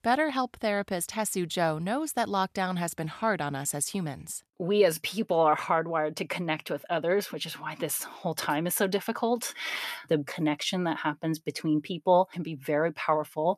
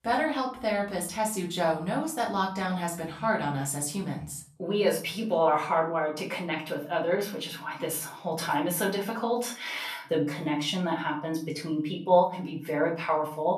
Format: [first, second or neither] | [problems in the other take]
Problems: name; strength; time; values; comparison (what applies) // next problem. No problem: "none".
first | off-mic speech; far // room echo; slight; dies away in 0.4 s